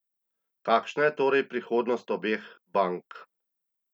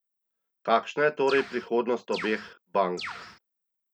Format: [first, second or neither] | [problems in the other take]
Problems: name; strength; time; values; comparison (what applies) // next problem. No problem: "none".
first | background sound (Bird); 10 dB below the speech